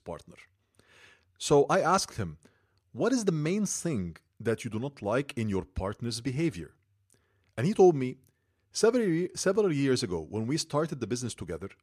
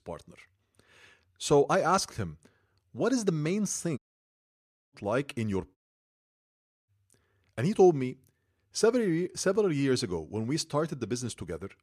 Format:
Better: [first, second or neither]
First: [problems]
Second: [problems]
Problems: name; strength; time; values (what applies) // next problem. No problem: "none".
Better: first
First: none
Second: audio cutting out; at 4 s for 1 s and at 6 s for 1 s